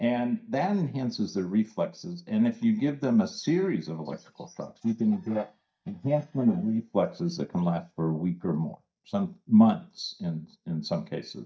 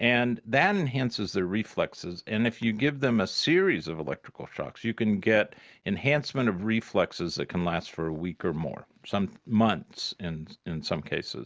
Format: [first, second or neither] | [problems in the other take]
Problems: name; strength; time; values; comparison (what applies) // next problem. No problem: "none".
second | noise reduction (neural mask model DeepFilterNet 3)